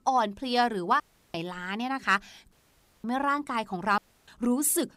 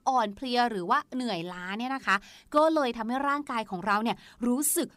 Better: second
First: audio cutting out; at 1 s, at 2.5 s for 0.5 s and at 4 s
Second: none

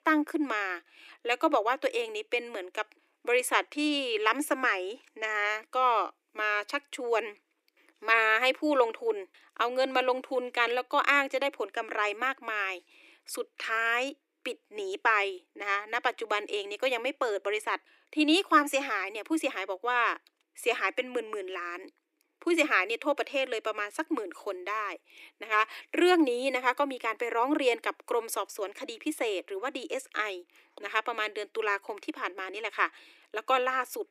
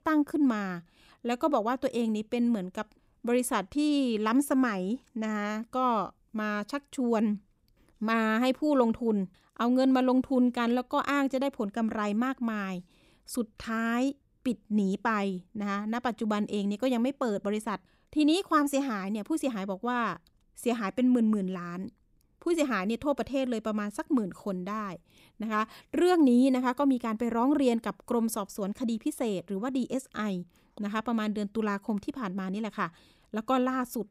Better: second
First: thin; very; fading below 300 Hz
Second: none

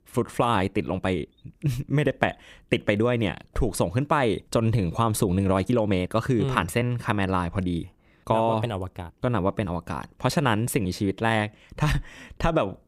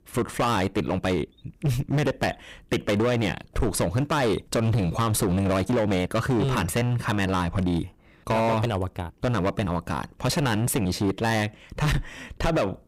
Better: first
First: none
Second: distortion; heavy; 16% of the sound clipped

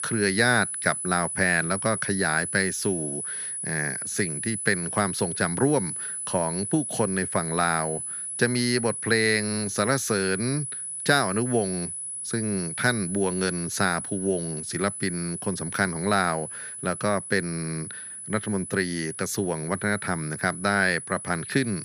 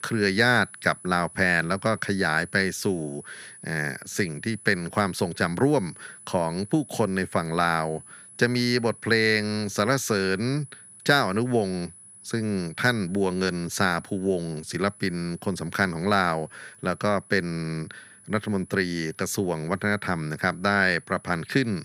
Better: second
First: high-pitched whine; loud; throughout; 10 kHz, 5 dB below the speech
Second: high-pitched whine; faint; throughout; 10 kHz, 20 dB below the speech

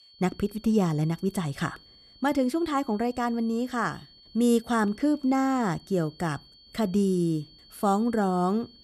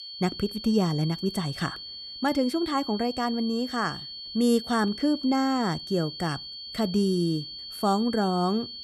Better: first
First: high-pitched whine; faint; throughout; 4.5 kHz, 25 dB below the speech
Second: high-pitched whine; loud; throughout; 4.5 kHz, 10 dB below the speech

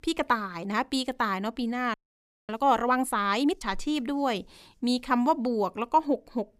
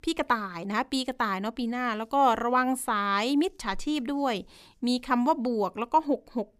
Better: second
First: audio freezing; at 2 s for 0.5 s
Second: none

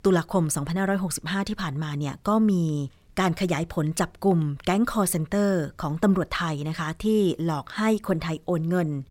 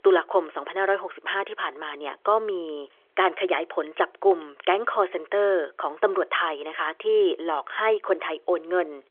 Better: first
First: none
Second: phone-call audio; nothing above 3.5 kHz

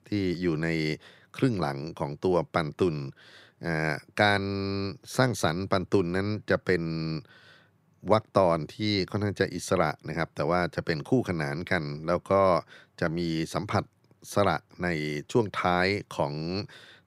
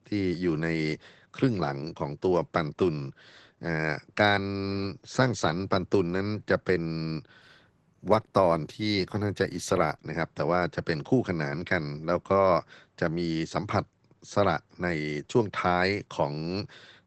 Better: first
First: none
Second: garbled, watery; badly; nothing above 12 kHz

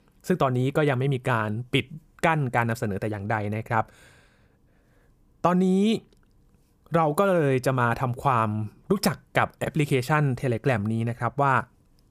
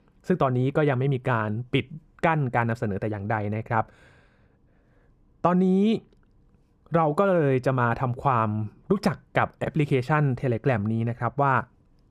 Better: first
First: none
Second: muffled; slightly; fading above 2 kHz

